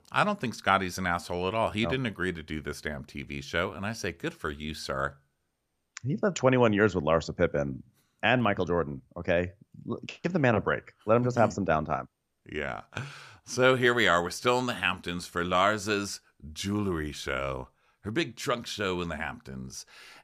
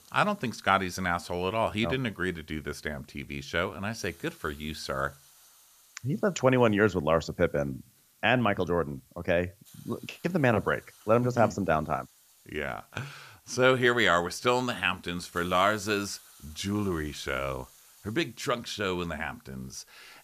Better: first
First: none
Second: hiss; faint; throughout; 25 dB below the speech

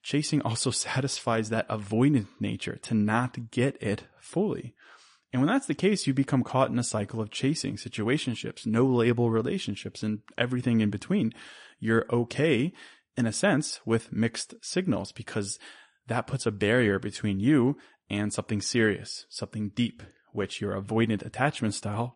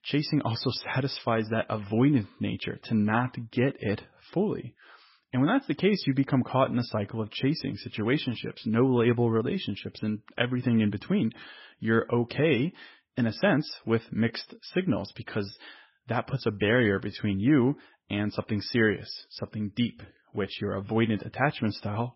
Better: first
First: garbled, watery; slightly; nothing above 10.5 kHz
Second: garbled, watery; badly; nothing above 5.5 kHz

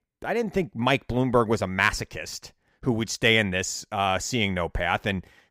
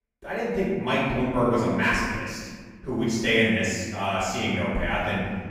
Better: first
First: none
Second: off-mic speech; far // room echo; strong; dies away in 1.5 s

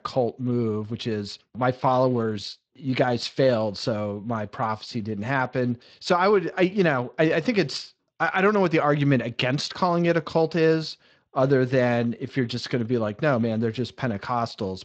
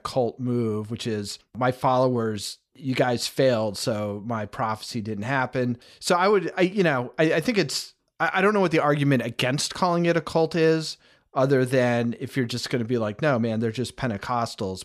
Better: second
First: garbled, watery; slightly; nothing above 8 kHz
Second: none

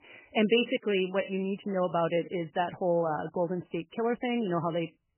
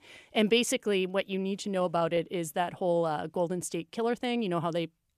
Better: second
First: garbled, watery; badly; nothing above 3 kHz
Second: none

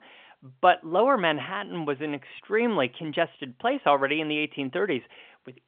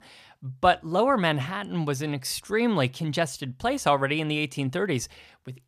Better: second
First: phone-call audio; nothing above 3.5 kHz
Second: none

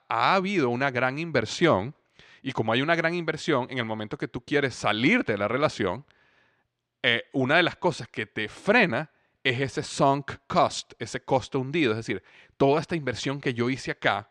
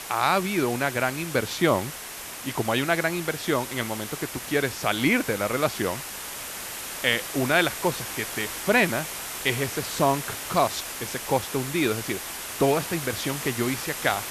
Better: first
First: none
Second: hiss; loud; throughout; 7 dB below the speech

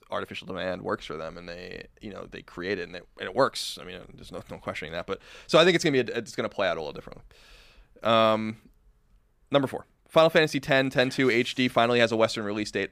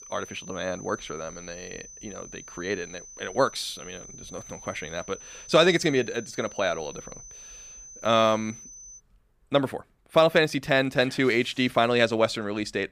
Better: first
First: none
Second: high-pitched whine; noticeable; until 9 s; 6 kHz, 15 dB below the speech

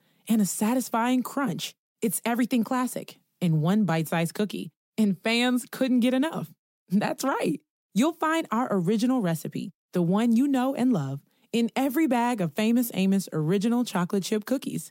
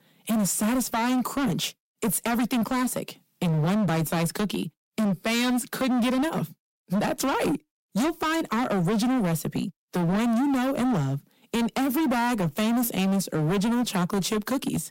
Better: first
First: none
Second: distortion; heavy; 30% of the sound clipped

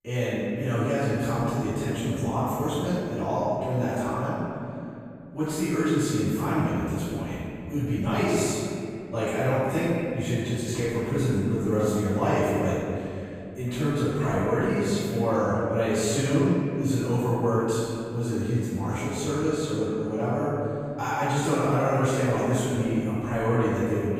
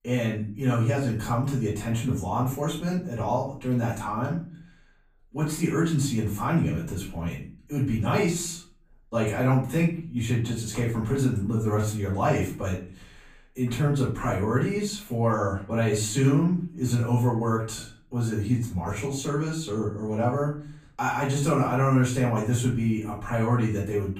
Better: second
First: room echo; strong; dies away in 2.6 s // off-mic speech; far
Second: room echo; slight; dies away in 0.4 s // off-mic speech; far

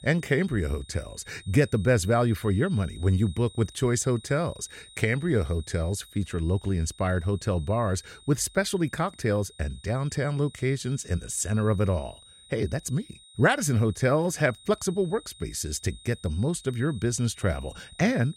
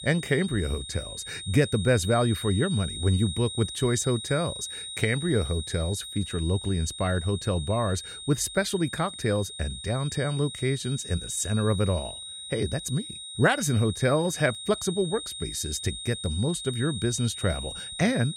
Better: first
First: high-pitched whine; faint; throughout; 3.5 kHz, 20 dB below the speech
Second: high-pitched whine; loud; throughout; 3.5 kHz, 8 dB below the speech

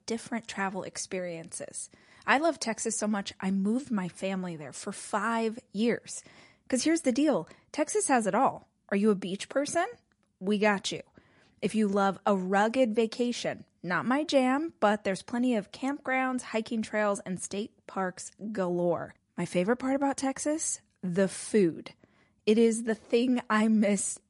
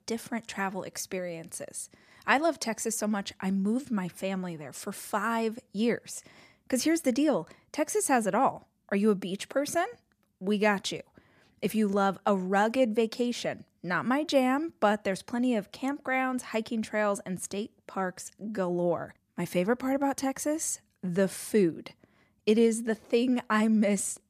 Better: second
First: garbled, watery; slightly; nothing above 10.5 kHz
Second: none

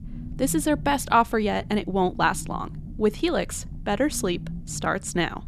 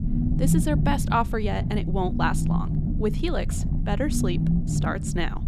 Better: first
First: low rumble; faint; throughout; 25 dB below the speech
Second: low rumble; loud; throughout; 7 dB below the speech

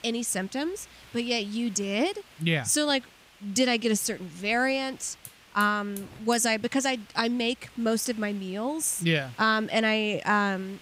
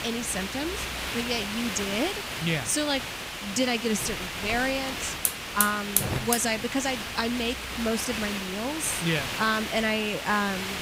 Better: first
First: hiss; faint; throughout; 25 dB below the speech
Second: hiss; loud; throughout; 2 dB below the speech

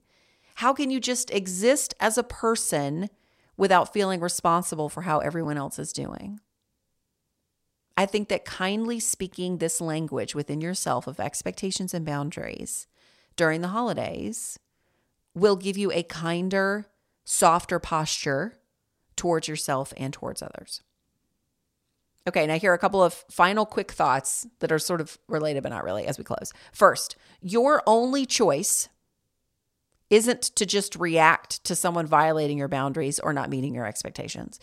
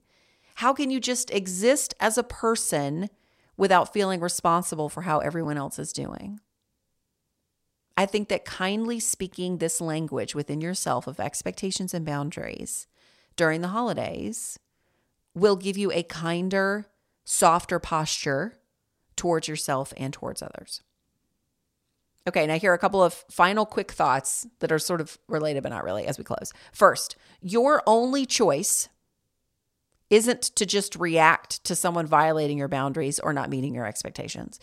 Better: neither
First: none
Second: none

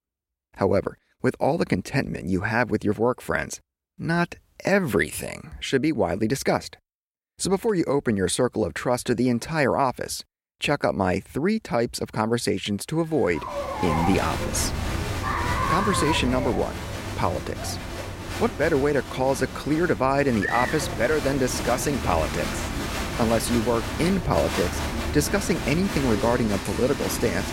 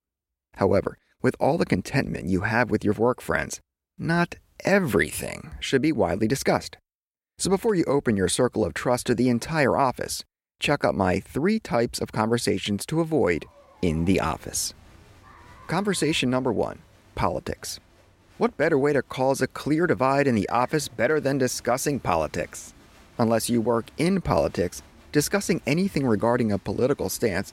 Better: second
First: crowd noise; loud; from 14 s on; 5 dB below the speech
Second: crowd noise; faint; from 14 s on; 30 dB below the speech

